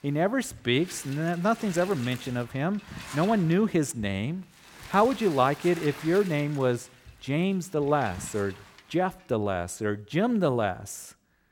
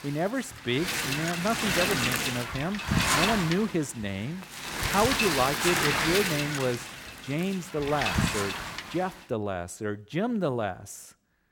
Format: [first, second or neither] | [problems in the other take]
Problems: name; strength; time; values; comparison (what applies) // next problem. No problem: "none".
first | wind noise on the microphone; heavy; until 9.5 s; 4 dB above the speech; occasional gusts in the first